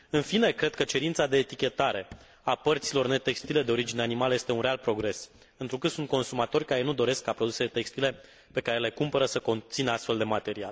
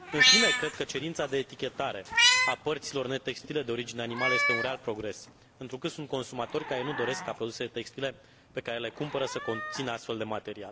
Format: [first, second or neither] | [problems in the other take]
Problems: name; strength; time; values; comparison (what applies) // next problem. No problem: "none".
first | background sound (Meow); 2 dB above the speech